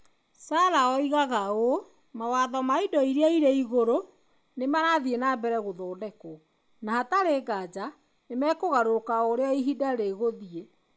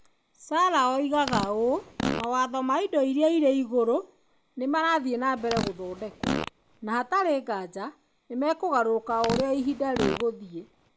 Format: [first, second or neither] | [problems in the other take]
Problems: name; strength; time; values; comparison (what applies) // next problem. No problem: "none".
first | background sound (Fart); 8 dB below the speech